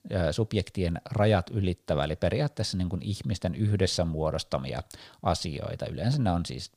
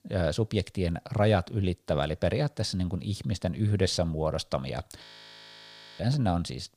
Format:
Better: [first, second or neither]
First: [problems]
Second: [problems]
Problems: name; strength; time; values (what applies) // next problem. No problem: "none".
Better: first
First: none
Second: audio freezing; at 5 s for 1 s